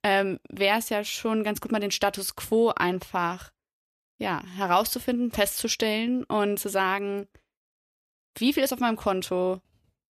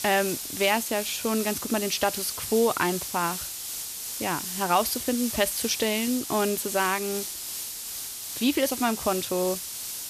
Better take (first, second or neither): first